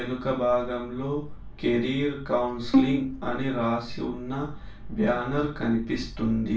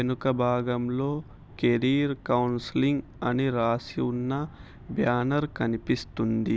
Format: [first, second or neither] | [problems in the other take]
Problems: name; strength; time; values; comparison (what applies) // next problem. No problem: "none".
second | background sound (Bowed string instrument); 1 dB below the speech // room echo; dies away in 0.3 s